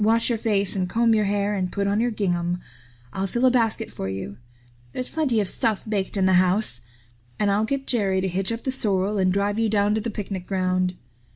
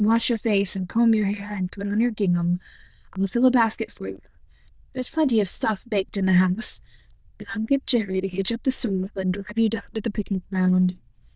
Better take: first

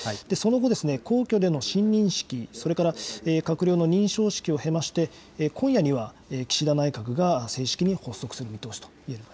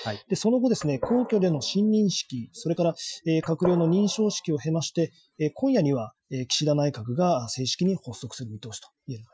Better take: first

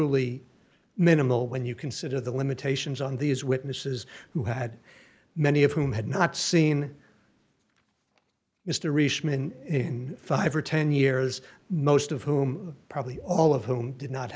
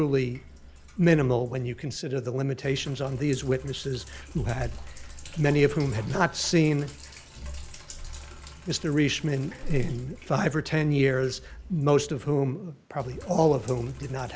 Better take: first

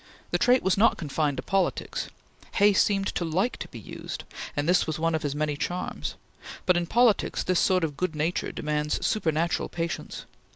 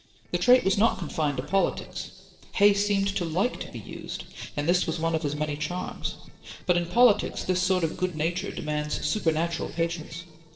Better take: first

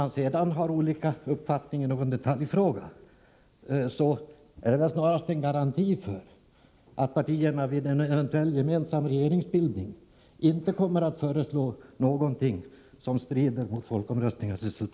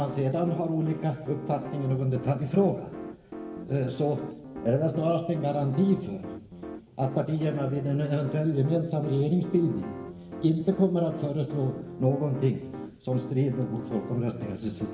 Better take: first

